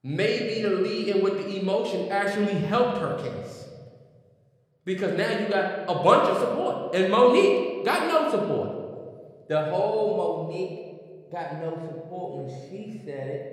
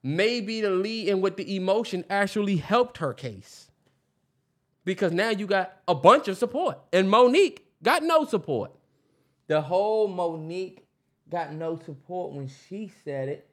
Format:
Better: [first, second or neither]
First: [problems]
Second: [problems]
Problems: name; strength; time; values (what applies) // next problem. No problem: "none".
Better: second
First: room echo; noticeable; dies away in 1.4 s // off-mic speech; somewhat distant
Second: none